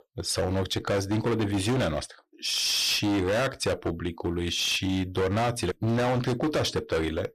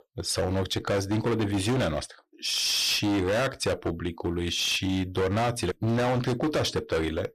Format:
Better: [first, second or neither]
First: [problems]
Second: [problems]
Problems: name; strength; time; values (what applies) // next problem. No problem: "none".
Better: neither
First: distortion; heavy; 21% of the sound clipped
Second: distortion; heavy; 21% of the sound clipped